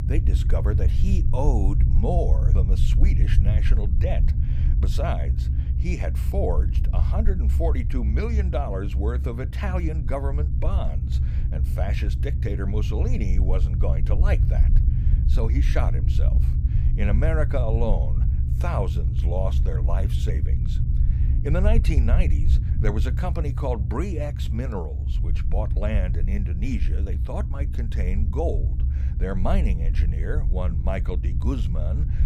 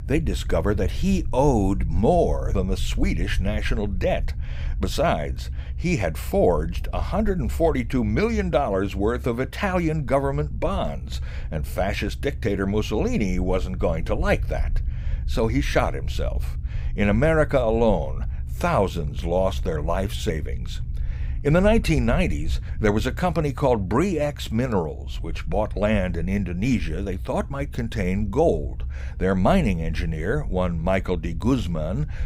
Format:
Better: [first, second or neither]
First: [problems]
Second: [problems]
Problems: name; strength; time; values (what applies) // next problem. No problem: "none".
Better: second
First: low rumble; loud; throughout; 7 dB below the speech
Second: low rumble; faint; throughout; 25 dB below the speech